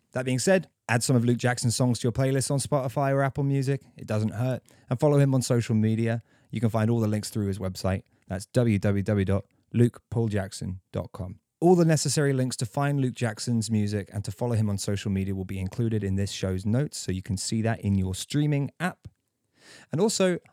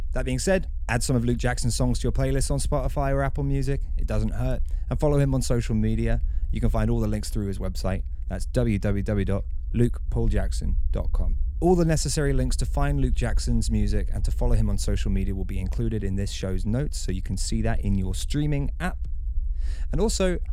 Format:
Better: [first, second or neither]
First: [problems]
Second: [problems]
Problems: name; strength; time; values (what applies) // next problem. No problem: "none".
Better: first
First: none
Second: low rumble; faint; throughout; 25 dB below the speech